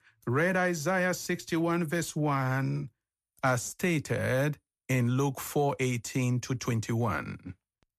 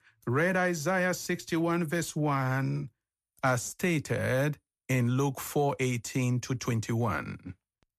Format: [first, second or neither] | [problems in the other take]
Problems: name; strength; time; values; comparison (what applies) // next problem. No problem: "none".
neither | none